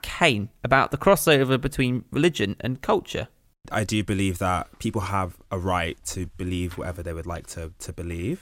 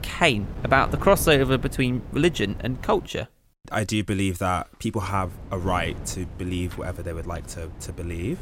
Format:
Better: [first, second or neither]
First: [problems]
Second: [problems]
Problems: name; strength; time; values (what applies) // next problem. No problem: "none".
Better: first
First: none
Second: wind noise on the microphone; occasional gusts; until 3 s and from 5 s on; 20 dB below the speech